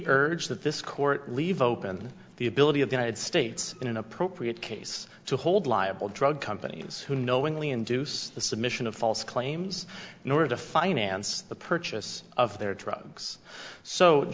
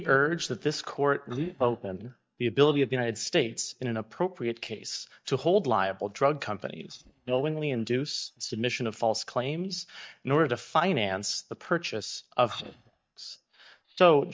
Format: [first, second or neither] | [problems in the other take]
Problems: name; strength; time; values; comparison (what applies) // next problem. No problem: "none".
first | noise reduction (neural mask model DeepFilterNet 3)